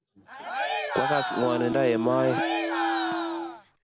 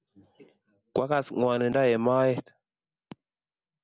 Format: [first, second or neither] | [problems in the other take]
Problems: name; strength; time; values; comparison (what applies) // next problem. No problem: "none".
second | background sound (Cheering + Wind instrument, woodwind instrument); as loud as the speech